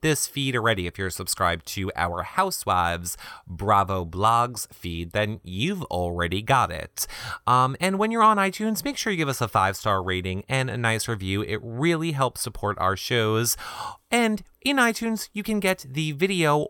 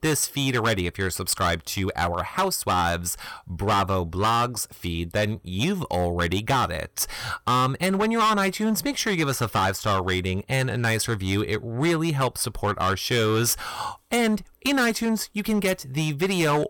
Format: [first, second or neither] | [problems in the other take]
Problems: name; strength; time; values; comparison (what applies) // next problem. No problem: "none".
first | distortion; heavy; 10% of the sound clipped